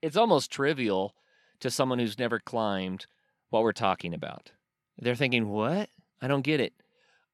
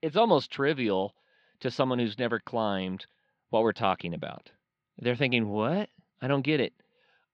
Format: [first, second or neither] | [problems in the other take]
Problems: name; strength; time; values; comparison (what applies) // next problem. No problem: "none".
first | muffled; very slightly; fading above 4 kHz